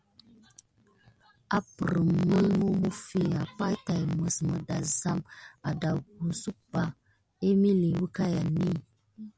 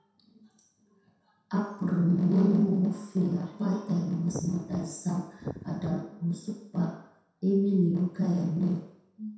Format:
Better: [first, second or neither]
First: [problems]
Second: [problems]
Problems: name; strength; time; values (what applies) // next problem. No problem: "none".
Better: first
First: none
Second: background sound (Wind); 11 dB below the speech // room echo; dies away in 0.7 s